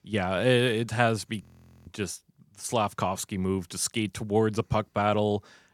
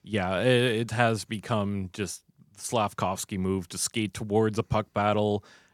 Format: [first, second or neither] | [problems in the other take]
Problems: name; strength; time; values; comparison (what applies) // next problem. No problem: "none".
second | audio freezing; at 1.5 s